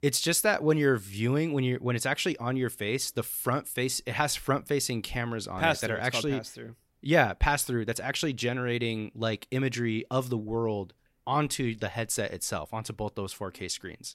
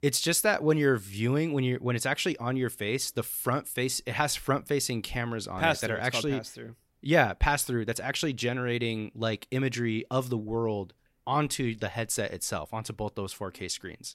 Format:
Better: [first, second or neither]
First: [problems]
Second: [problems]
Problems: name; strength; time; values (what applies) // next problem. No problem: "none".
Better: neither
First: none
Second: none